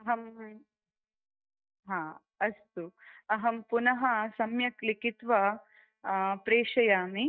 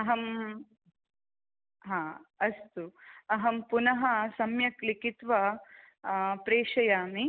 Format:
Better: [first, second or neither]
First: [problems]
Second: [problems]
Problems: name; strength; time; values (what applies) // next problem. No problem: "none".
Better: second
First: noise reduction (neural mask model DeepFilterNet 3)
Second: none